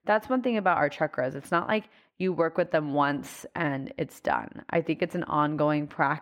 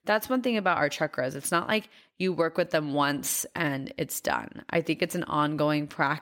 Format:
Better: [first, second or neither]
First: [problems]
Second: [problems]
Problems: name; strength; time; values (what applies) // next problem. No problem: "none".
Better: second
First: muffled; very; fading above 3.5 kHz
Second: none